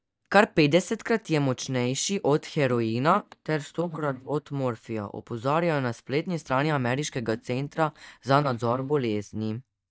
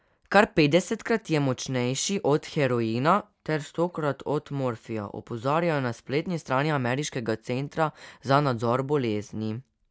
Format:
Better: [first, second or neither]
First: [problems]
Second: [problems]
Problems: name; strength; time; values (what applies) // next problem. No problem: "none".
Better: second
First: noise reduction (neural mask model DeepFilterNet 3)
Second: none